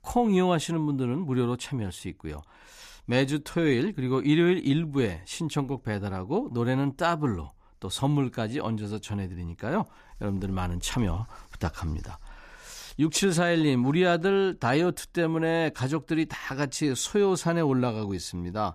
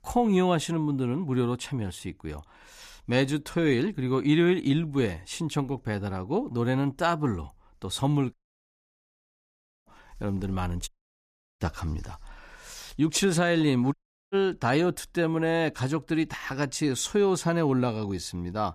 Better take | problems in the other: first | audio cutting out; at 8.5 s for 1.5 s, at 11 s for 0.5 s and at 14 s

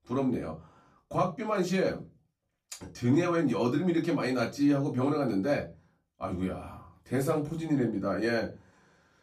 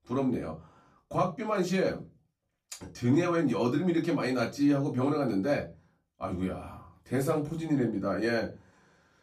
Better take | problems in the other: neither | off-mic speech; far; the same in both // room echo; very slight; dies away in 0.2 s; the same in both

